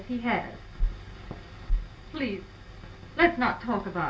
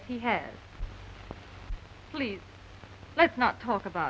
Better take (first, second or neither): second